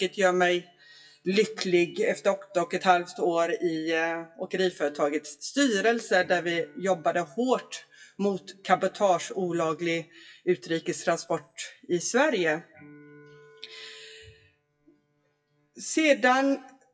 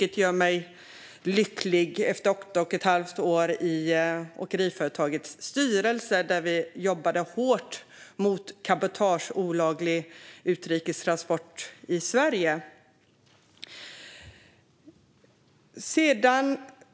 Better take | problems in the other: second | noise reduction (classical method WPE with log-MMSE)

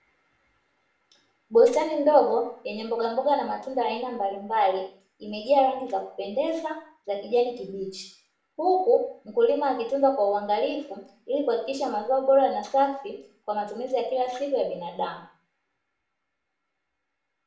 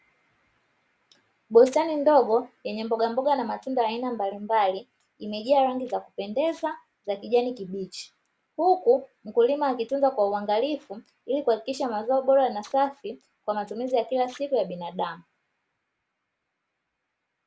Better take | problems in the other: second | room echo; dies away in 0.5 s

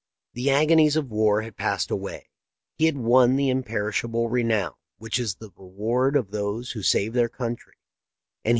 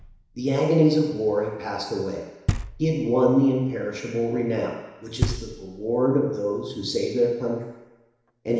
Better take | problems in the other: first | background sound (Knock); 11 dB below the speech // room echo; dies away in 1 s

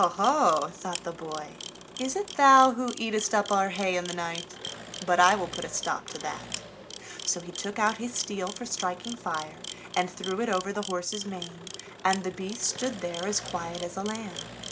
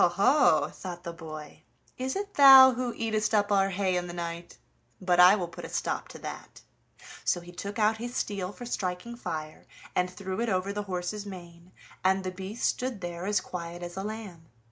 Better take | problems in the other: second | background sound (Engine + Camera); 12 dB below the speech

